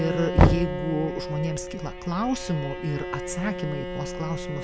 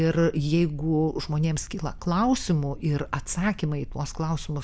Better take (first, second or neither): second